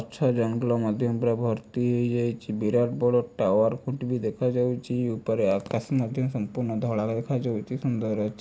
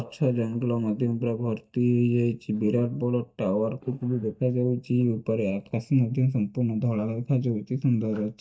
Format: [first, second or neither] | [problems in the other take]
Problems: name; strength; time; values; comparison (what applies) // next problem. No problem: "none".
first | noise reduction (neural mask model DeepFilterNet 3)